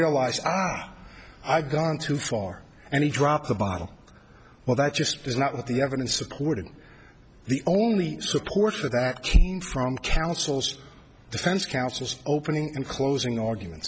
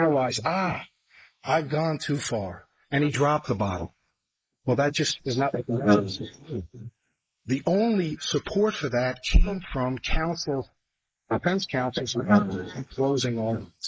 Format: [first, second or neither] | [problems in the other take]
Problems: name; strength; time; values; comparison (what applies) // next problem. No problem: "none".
first | noise reduction (neural mask model Resemble Enhance denoiser)